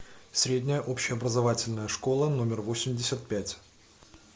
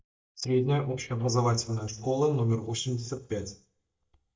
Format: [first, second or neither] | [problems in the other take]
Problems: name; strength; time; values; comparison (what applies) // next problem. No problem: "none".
first | noise reduction (neural mask model DeepFilterNet 3)